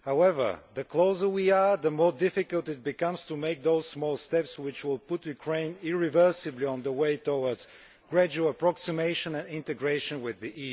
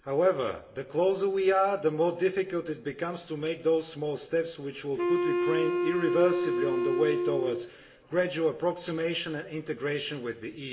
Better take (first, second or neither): first